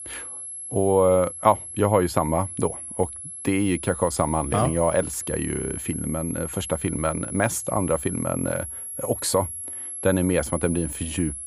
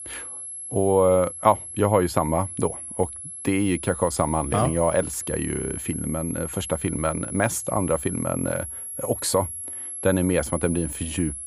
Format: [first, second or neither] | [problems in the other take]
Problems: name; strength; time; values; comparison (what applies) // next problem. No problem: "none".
neither | high-pitched whine; loud; throughout; 11 kHz, 8 dB below the speech; the same in both